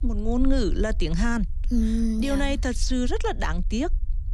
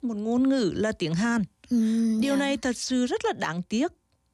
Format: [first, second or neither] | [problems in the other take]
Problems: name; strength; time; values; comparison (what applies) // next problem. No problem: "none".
second | low rumble; faint; throughout; 25 dB below the speech